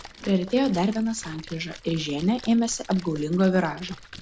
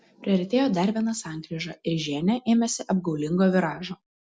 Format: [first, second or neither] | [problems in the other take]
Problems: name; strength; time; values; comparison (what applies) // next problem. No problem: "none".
second | background sound (Splash, splatter); 19 dB below the speech